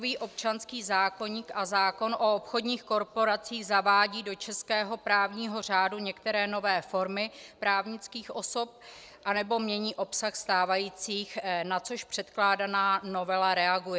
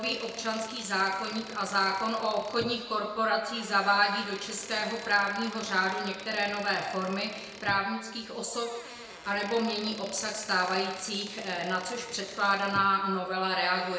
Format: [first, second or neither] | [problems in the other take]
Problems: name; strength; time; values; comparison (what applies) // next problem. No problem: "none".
first | background sound (Squeak / Wood); 17 dB below the speech // room echo; dies away in 1.2 s